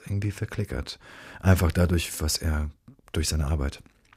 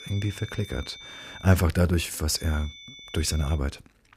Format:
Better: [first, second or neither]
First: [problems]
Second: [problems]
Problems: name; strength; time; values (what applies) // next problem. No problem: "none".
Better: first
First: none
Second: high-pitched whine; noticeable; until 1.5 s and from 2.5 to 3.5 s; 3.5 kHz, 15 dB below the speech